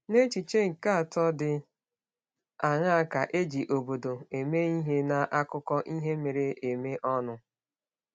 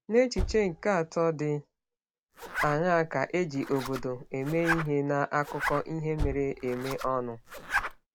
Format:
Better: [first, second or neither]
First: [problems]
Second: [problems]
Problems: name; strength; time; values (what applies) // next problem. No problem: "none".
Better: first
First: none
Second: background sound (Car + Zipper (clothing)); 7 dB below the speech